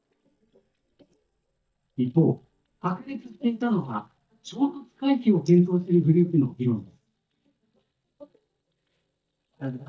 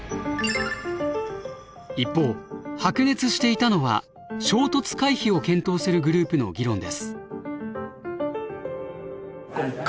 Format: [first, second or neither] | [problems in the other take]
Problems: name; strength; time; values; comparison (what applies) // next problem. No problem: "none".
second | noise reduction (neural mask model DeepFilterNet 3)